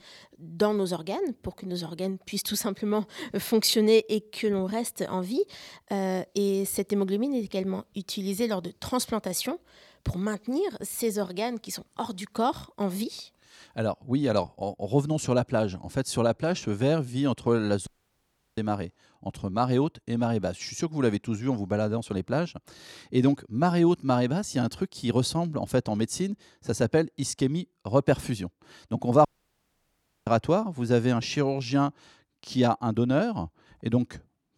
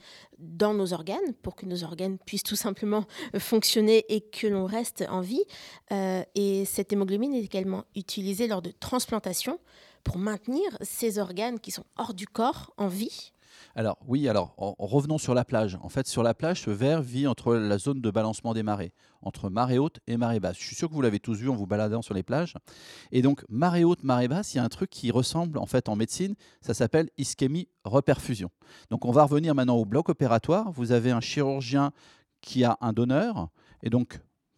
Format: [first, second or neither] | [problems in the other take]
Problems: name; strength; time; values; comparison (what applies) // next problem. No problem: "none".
second | audio cutting out; at 18 s for 0.5 s and at 29 s for 1 s